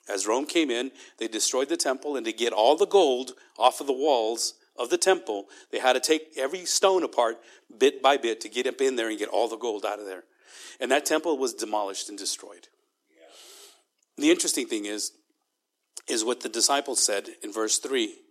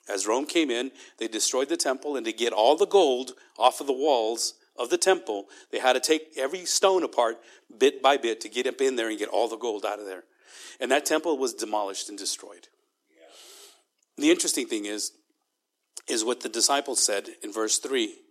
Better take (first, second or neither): neither